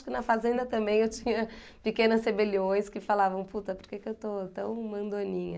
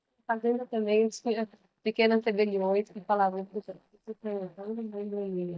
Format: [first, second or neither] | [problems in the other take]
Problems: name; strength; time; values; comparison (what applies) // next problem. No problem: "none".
first | noise reduction (neural mask model DeepFilterNet 3)